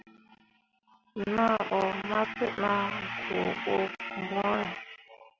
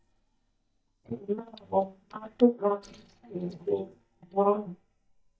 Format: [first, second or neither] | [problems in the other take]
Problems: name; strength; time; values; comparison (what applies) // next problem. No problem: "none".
first | noise reduction (neural mask model DeepFilterNet 3)